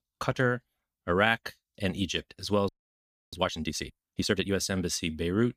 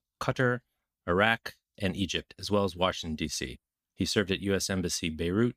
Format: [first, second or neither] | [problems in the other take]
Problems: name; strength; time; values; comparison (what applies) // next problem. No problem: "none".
second | audio freezing; at 2.5 s for 0.5 s